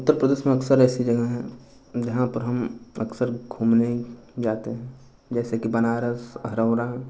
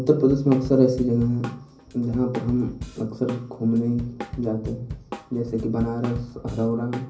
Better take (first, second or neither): first